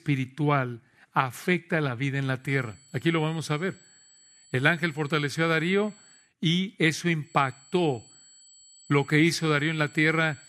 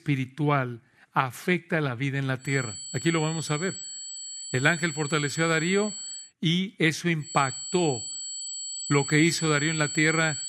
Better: first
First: high-pitched whine; faint; from 2.5 to 6 s and from 7.5 s on; 8 kHz, 25 dB below the speech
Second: high-pitched whine; loud; from 2.5 to 6 s and from 7.5 s on; 8 kHz, 7 dB below the speech

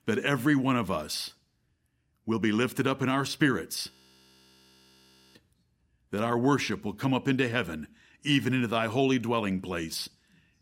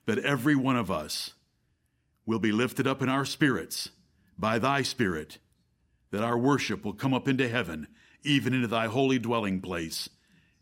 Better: second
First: audio freezing; at 4 s for 1.5 s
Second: none

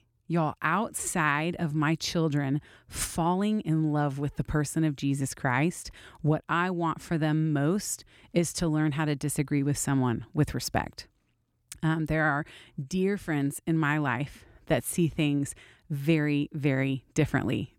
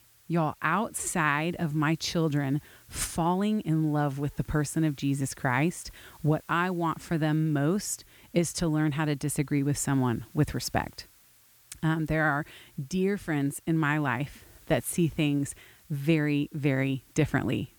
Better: first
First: none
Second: hiss; faint; throughout; 25 dB below the speech

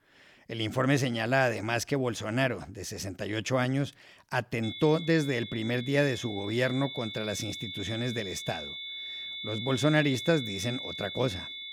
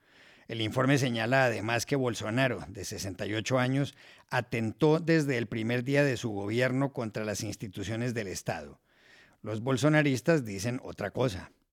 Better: second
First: high-pitched whine; loud; from 4.5 s on; 3.5 kHz, 8 dB below the speech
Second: none

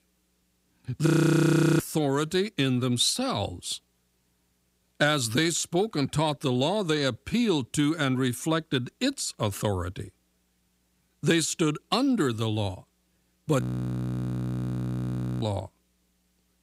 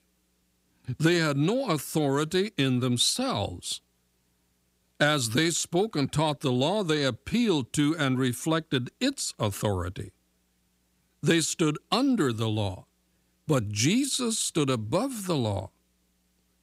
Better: second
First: audio freezing; at 1 s for 0.5 s and at 14 s for 2 s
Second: none

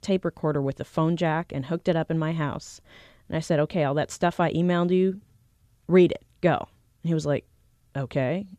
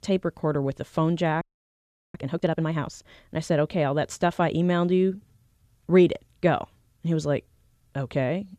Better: first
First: none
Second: audio freezing; at 1.5 s for 0.5 s

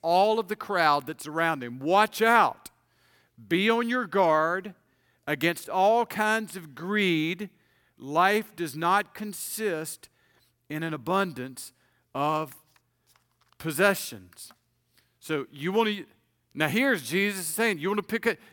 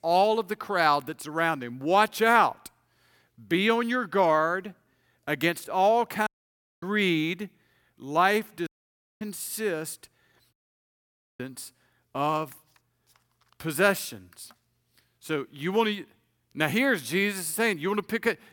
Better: first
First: none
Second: audio cutting out; at 6.5 s for 0.5 s, at 8.5 s for 0.5 s and at 11 s for 1 s

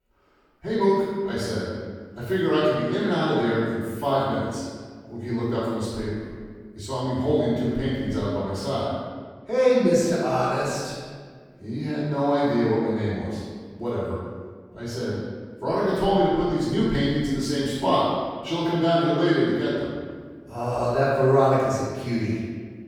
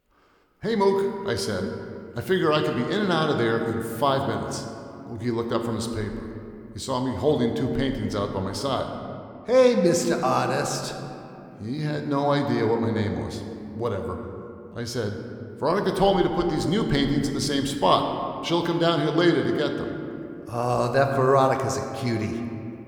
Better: second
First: room echo; strong; dies away in 1.5 s // off-mic speech; far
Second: room echo; slight; dies away in 2.1 s

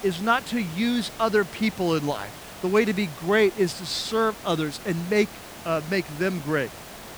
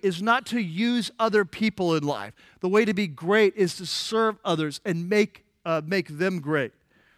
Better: second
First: hiss; noticeable; throughout; 15 dB below the speech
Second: none

